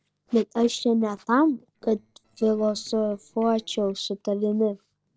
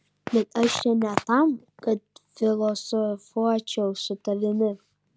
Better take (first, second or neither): second